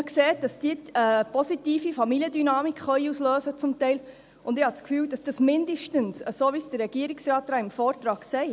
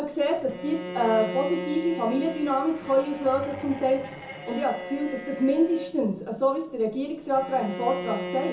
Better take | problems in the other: first | background sound (Bowed string instrument); 11 dB below the speech // room echo; dies away in 0.6 s

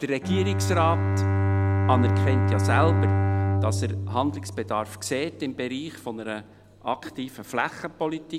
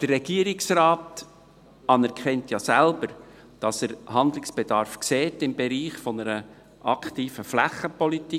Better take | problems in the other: second | background sound (Bowed string instrument); 4 dB above the speech

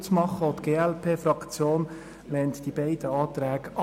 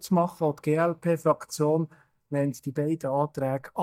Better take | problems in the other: first | noise reduction (neural mask model DeepFilterNet 3)

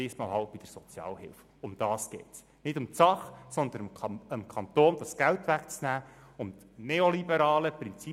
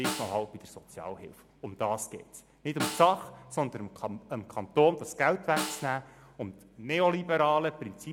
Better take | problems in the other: first | background sound (Snare drum); 12 dB below the speech

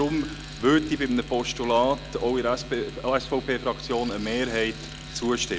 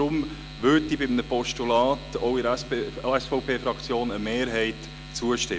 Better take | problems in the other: second | background sound (Bicycle); 20 dB below the speech

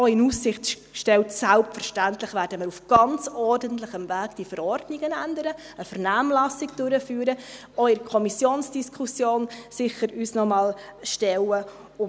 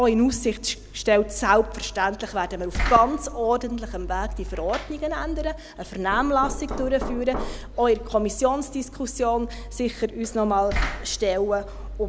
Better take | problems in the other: first | background sound (Knock); 9 dB below the speech

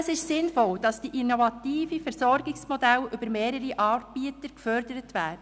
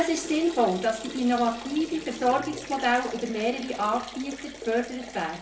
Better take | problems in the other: first | background sound (Liquid); 14 dB below the speech // room echo; dies away in 0.4 s

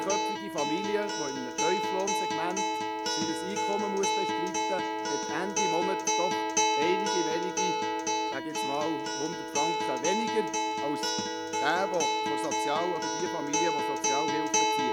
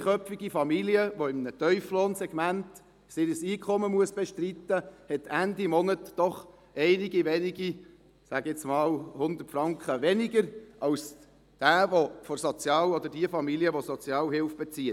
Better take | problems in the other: second | background sound (Acoustic guitar); 5 dB above the speech

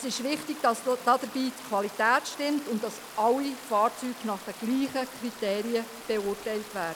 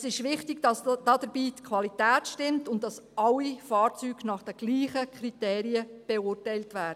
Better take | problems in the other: second | background sound (Stream); 15 dB below the speech

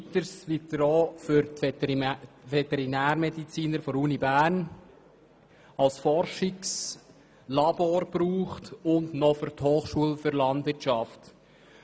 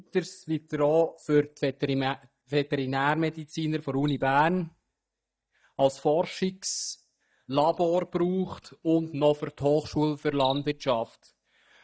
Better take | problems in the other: first | noise reduction (neural mask model DeepFilterNet 3)

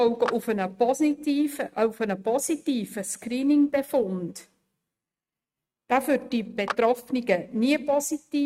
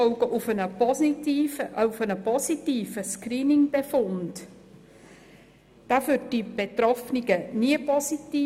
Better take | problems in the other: second | noise reduction (neural mask model RNNoise)

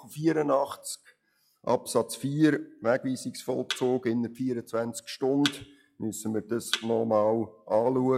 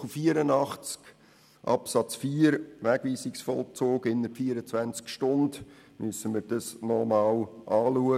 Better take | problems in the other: second | noise reduction (classical method log-MMSE)

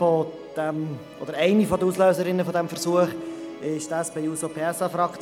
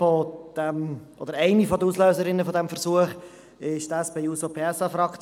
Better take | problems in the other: second | background sound (Musical instrument); 15 dB below the speech

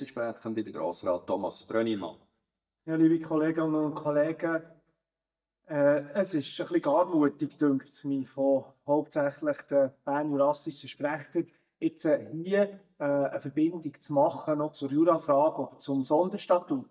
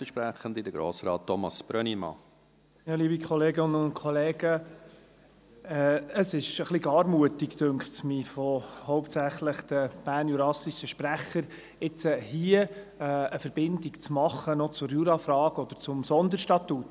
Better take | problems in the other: second | noise reduction (neural mask model DeepFilterNet 3)

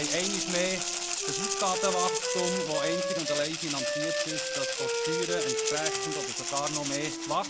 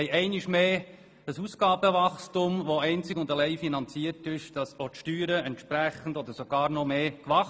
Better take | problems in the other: second | background sound (Rattle (instrument) + Wind instrument, woodwind instrument); 3 dB above the speech

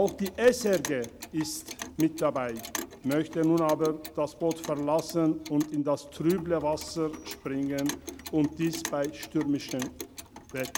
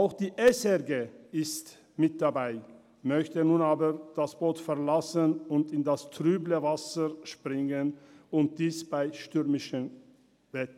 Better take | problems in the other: second | background sound (Clock); 13 dB below the speech

